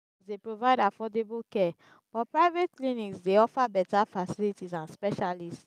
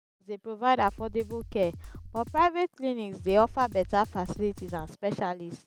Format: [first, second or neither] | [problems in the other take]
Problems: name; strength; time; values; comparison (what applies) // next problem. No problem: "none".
first | background sound (Drum kit); 15 dB below the speech